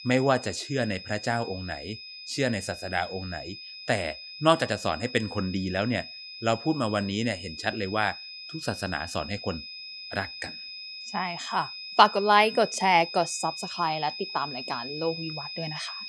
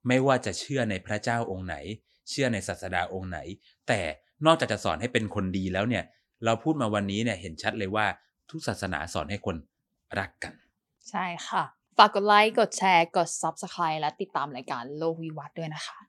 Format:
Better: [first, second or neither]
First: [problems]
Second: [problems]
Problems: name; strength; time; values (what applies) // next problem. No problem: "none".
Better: second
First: high-pitched whine; noticeable; throughout; 5 kHz, 10 dB below the speech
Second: none